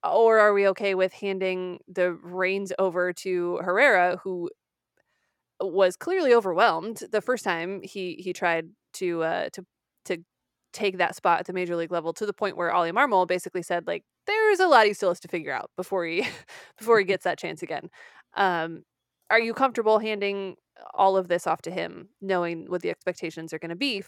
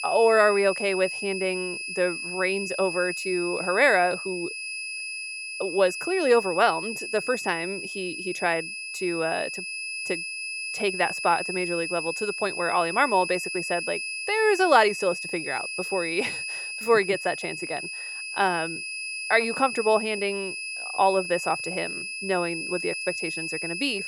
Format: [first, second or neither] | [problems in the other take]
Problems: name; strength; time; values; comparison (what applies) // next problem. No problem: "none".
first | high-pitched whine; loud; throughout; 2.5 kHz, 5 dB below the speech